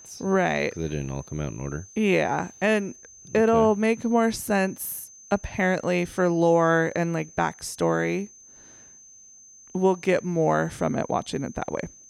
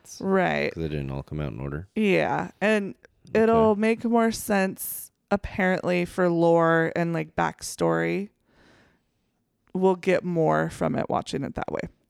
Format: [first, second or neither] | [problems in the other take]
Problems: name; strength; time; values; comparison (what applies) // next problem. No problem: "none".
second | high-pitched whine; faint; throughout; 6 kHz, 20 dB below the speech